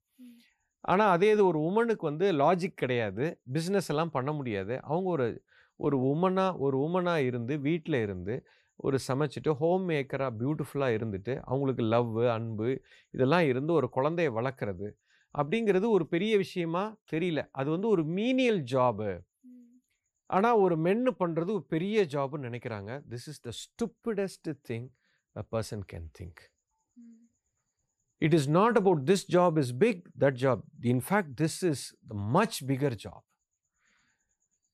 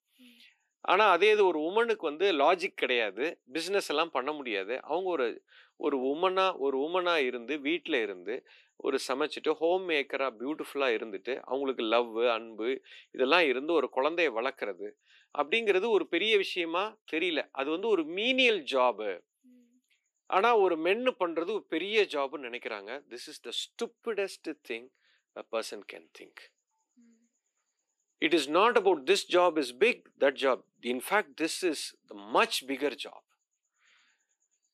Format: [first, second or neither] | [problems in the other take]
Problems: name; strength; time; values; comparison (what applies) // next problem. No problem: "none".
first | thin; somewhat; fading below 300 Hz